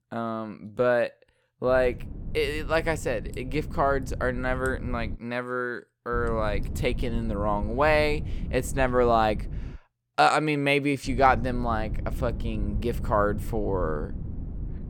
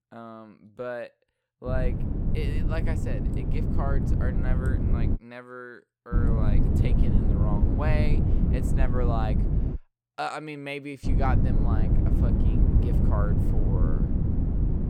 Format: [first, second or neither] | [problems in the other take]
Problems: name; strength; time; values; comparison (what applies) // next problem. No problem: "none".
first | low rumble; loud; from 1.5 to 5 s, from 6 to 10 s and from 11 s on; 1 dB below the speech; faint in the first